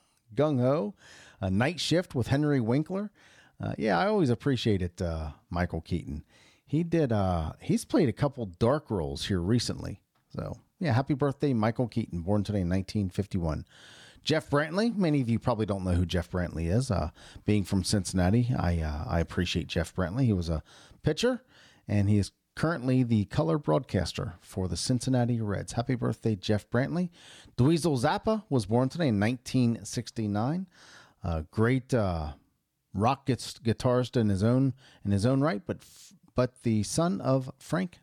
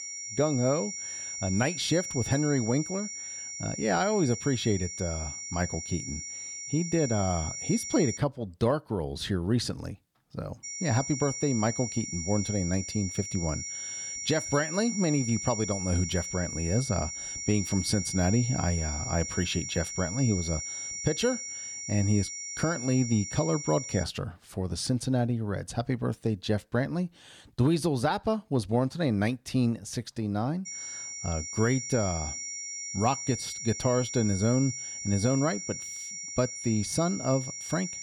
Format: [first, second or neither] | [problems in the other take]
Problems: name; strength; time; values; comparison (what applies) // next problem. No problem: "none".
first | high-pitched whine; loud; until 8 s, from 11 to 24 s and from 31 s on; 5.5 kHz, 5 dB below the speech